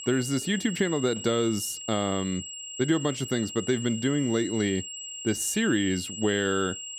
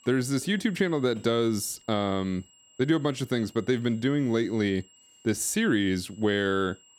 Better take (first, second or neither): second